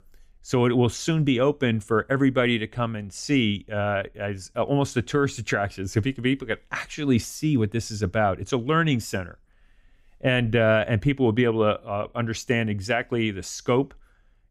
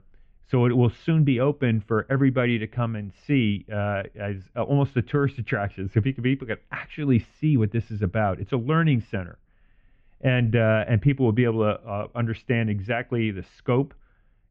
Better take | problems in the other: first | muffled; very; fading above 2.5 kHz

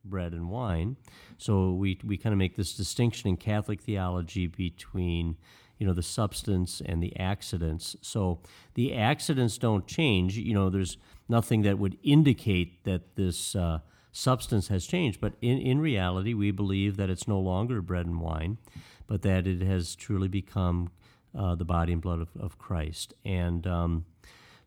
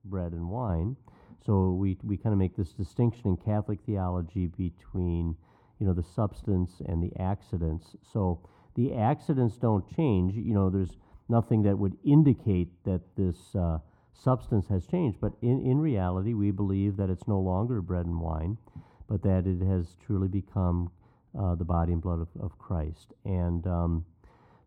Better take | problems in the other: first | muffled; very; fading above 1.5 kHz

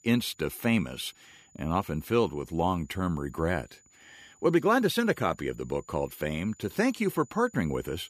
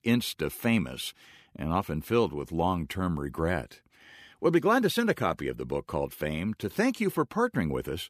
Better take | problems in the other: second | high-pitched whine; faint; throughout; 7 kHz, 30 dB below the speech

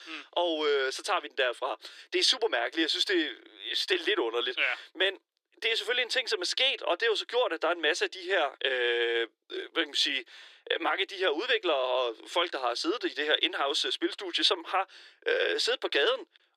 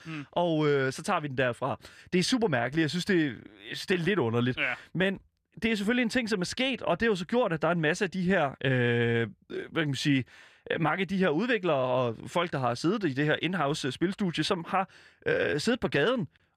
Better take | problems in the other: second | thin; very; fading below 350 Hz

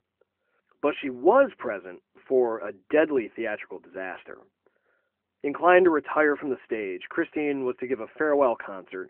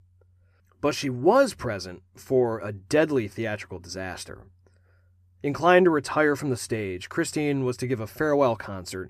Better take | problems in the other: second | phone-call audio

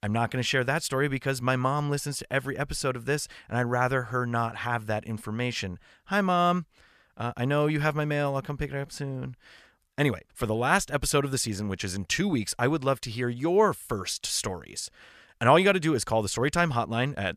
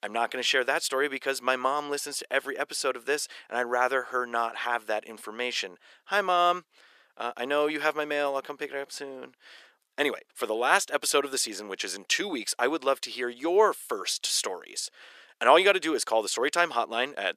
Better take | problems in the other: first | thin; very; fading below 350 Hz

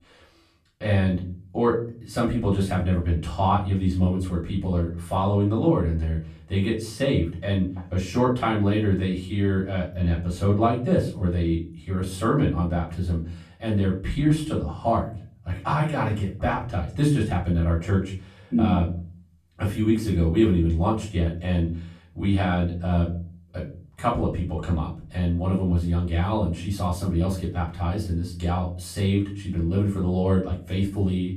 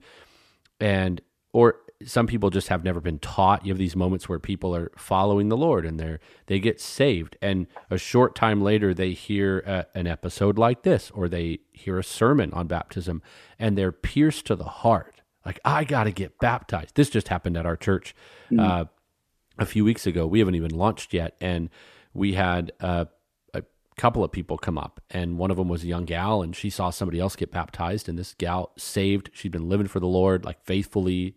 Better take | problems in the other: second | off-mic speech; far // room echo; slight; dies away in 0.5 s

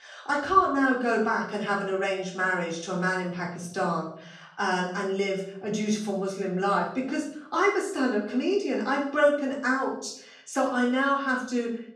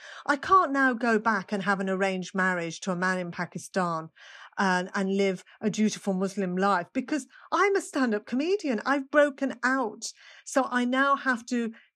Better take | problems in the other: second | off-mic speech; far // room echo; noticeable; dies away in 0.5 s

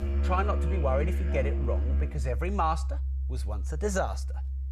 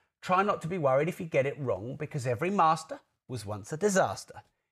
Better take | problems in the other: second | background music; very loud; throughout; 2 dB above the speech

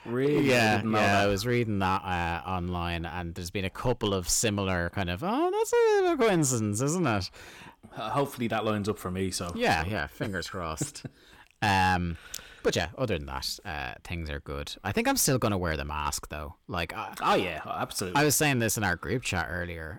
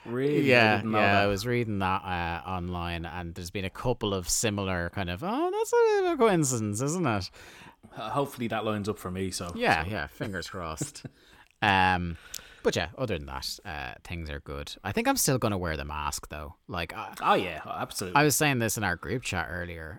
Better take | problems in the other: second | distortion; slight; 4% of the sound clipped

